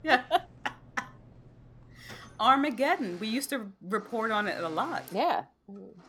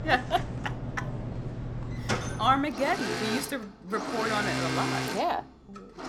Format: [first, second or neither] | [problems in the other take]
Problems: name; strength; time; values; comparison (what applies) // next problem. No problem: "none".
first | machinery noise; loud; throughout; 3 dB below the speech; faint in the first